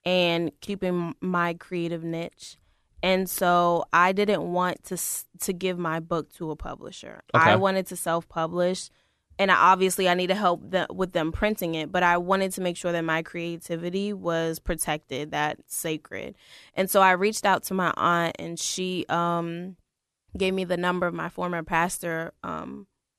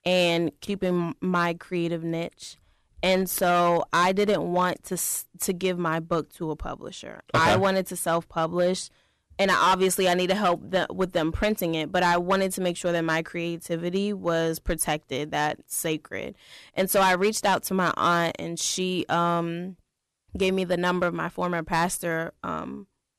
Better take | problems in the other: first | distortion; slight; 4% of the sound clipped

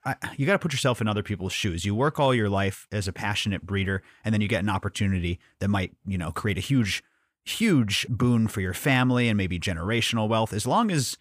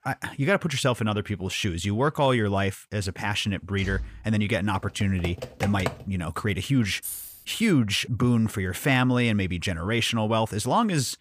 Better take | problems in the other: first | door banging; faint; at 4 s; peak 10 dB below the speech // keyboard typing; noticeable; from 5 to 6 s; peak 6 dB below the speech // jangling keys; noticeable; at 7 s; peak 8 dB below the speech

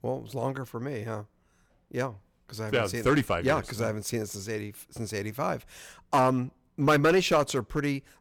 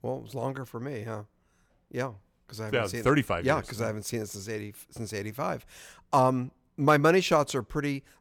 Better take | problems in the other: second | distortion; slight; 2% of the sound clipped

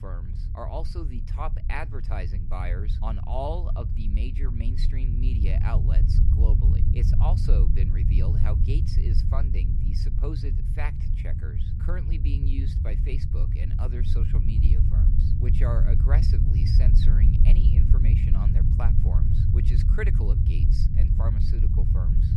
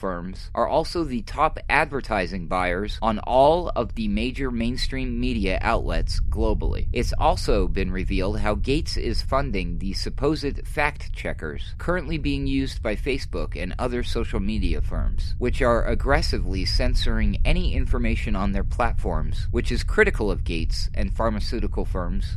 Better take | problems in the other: second | low rumble; loud; throughout; 1 dB below the speech; faint in the second

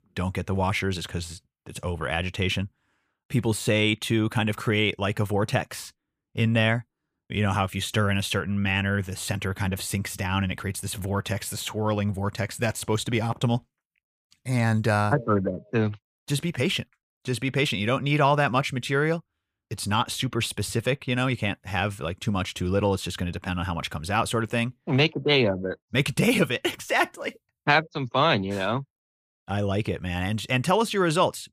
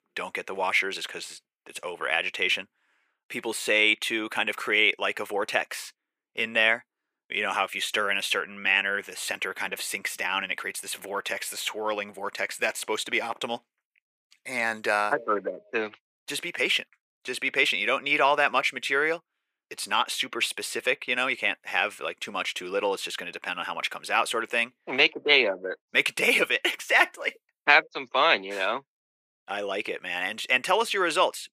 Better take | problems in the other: first | thin; very; fading below 400 Hz

